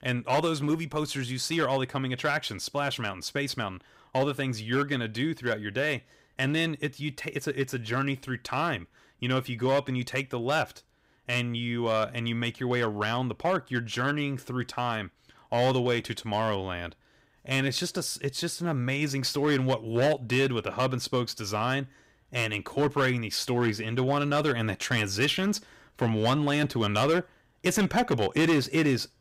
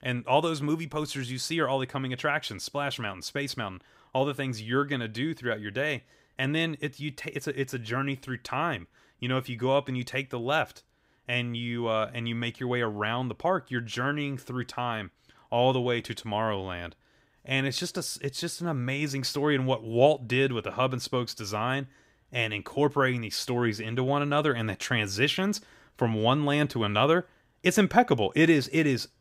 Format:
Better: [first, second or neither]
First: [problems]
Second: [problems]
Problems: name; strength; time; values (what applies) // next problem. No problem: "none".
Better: second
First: distortion; slight; 5% of the sound clipped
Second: none